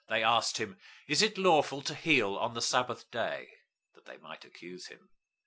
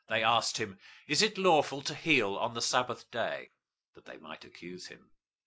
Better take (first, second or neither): first